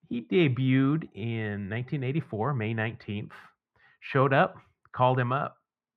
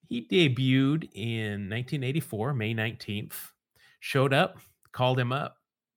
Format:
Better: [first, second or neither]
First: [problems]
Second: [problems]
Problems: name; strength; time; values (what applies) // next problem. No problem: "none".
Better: second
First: muffled; very; fading above 2 kHz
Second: none